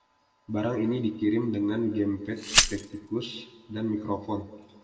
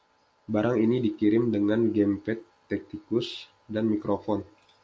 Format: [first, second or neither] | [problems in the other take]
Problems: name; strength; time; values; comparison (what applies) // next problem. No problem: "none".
second | background sound (Glass); 1 dB above the speech // room echo; dies away in 1.6 s